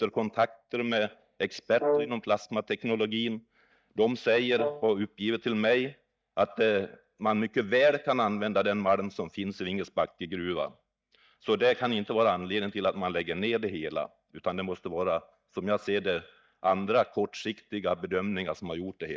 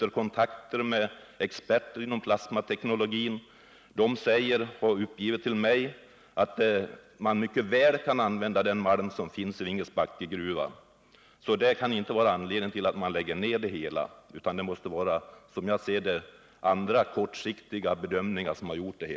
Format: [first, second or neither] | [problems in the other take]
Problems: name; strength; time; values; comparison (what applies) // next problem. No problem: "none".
second | noise reduction (neural mask model DeepFilterNet 3)